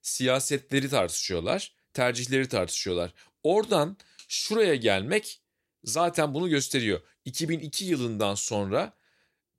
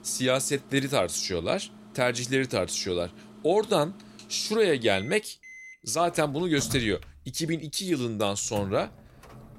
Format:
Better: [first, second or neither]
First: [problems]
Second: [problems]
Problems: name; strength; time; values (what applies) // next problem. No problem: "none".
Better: first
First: none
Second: household noises; noticeable; throughout; 20 dB below the speech